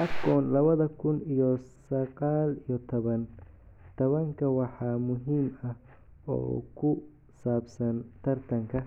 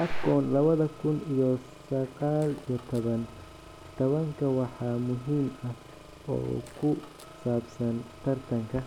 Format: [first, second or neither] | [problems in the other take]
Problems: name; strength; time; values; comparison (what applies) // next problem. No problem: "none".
first | background sound (Engine); 20 dB below the speech